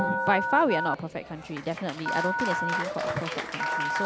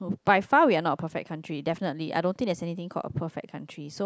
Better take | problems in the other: second | background sound (Telephone + Applause); as loud as the speech

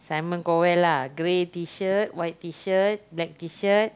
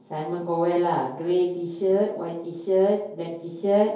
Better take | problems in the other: first | room echo; dies away in 2.4 s

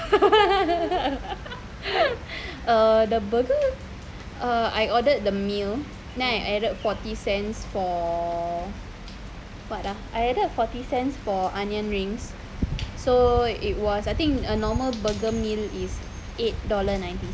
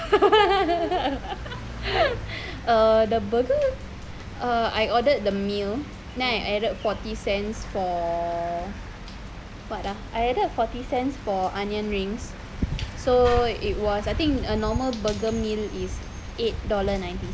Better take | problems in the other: first | background sound (Mechanisms / Bicycle); 17 dB below the speech

